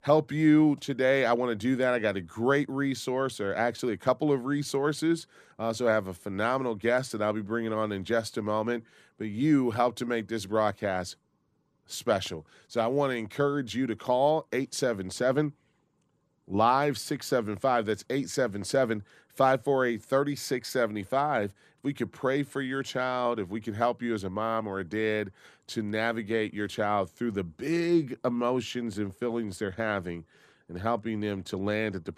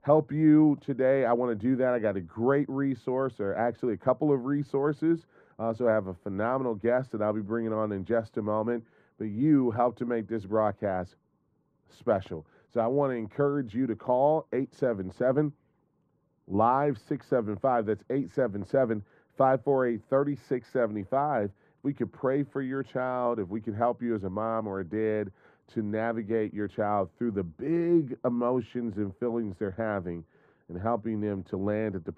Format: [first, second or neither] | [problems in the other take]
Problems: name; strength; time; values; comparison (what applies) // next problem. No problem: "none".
first | muffled; very; fading above 2.5 kHz